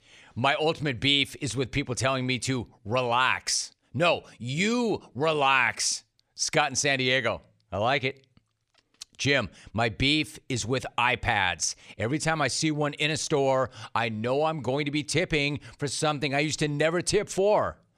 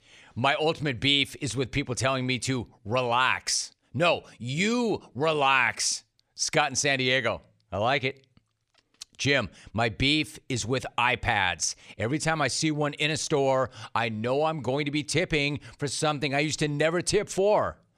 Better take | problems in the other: neither | none

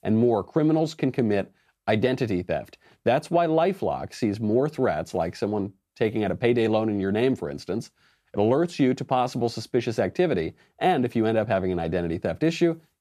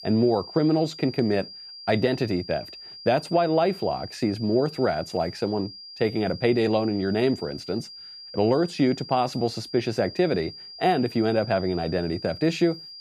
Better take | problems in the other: first | high-pitched whine; noticeable; throughout; 5 kHz, 15 dB below the speech

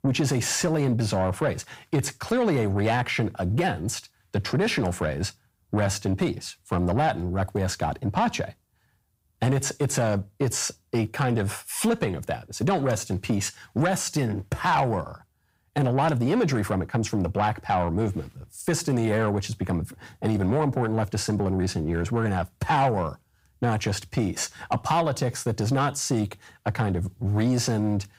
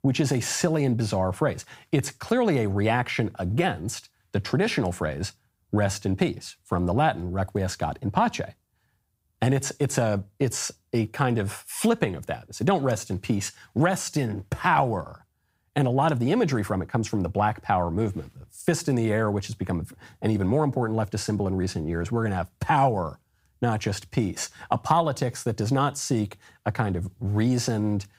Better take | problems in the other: second | distortion; slight; 10 dB below the speech

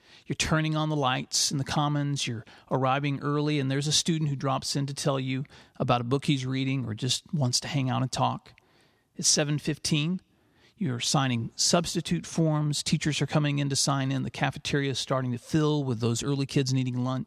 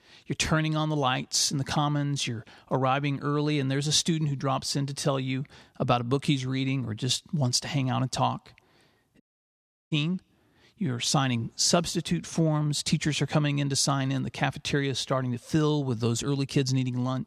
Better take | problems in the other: first | audio cutting out; at 9 s for 0.5 s

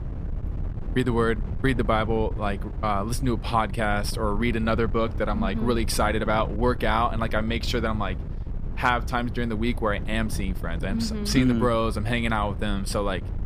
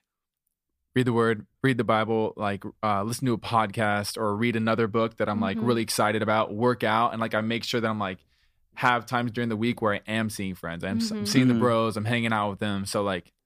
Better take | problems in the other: second | wind noise on the microphone; occasional gusts; 20 dB below the speech

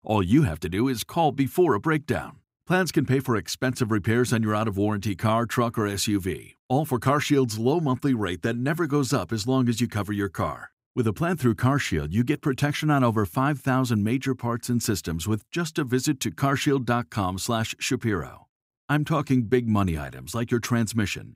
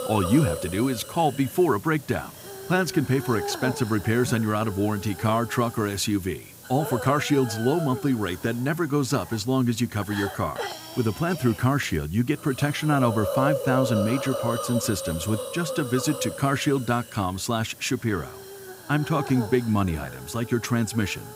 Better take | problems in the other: first | hiss; loud; throughout; 9 dB below the speech

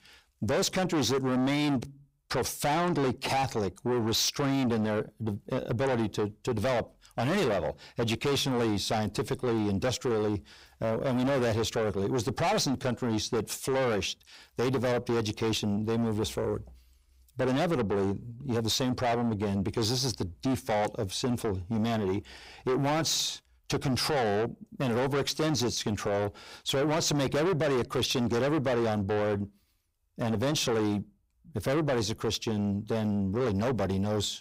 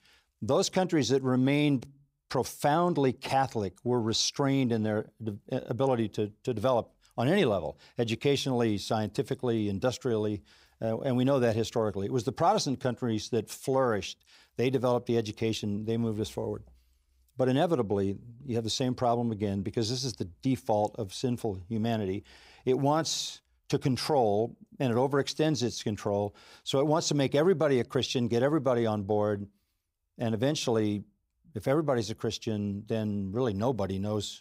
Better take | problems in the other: second | distortion; heavy; 5 dB below the speech

